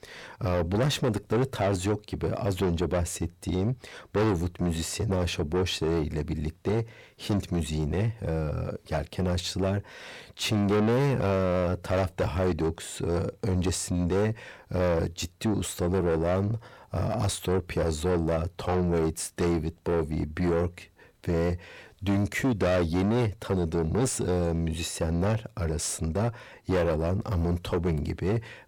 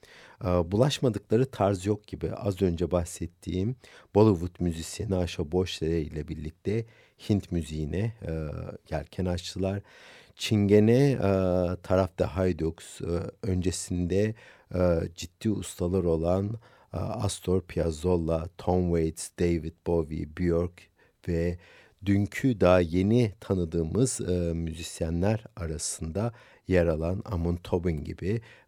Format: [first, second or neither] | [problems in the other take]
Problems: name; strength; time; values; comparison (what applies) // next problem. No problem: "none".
second | distortion; heavy; 6 dB below the speech